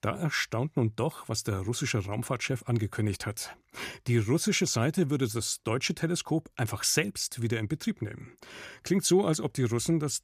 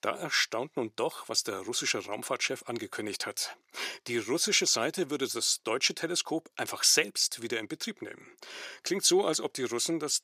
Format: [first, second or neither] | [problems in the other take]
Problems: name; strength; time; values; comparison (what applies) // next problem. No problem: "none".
first | thin; somewhat; fading below 450 Hz